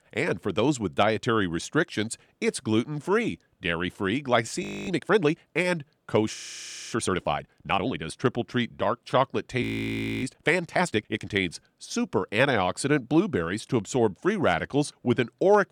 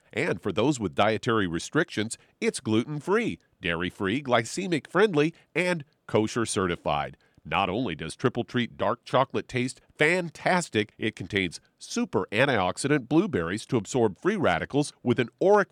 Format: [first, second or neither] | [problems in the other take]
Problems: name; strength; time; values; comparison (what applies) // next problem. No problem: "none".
second | audio freezing; at 4.5 s, at 6.5 s for 0.5 s and at 9.5 s for 0.5 s